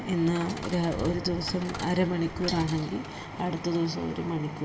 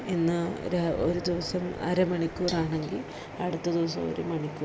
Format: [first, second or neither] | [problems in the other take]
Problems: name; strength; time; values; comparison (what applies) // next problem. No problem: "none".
second | background sound (Coin (dropping) / Chatter); 17 dB below the speech // room echo; dies away in 0.8 s